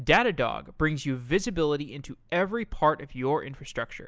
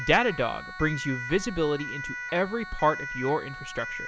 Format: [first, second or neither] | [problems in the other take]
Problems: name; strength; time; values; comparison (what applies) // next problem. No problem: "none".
first | background sound (Siren); 9 dB below the speech